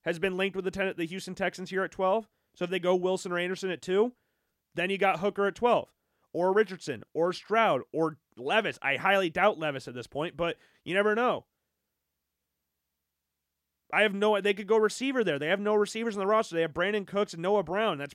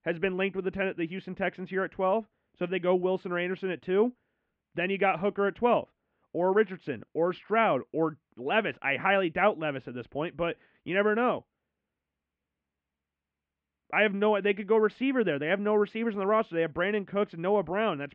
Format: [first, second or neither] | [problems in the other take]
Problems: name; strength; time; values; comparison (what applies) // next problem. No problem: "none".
first | muffled; very; fading above 2.5 kHz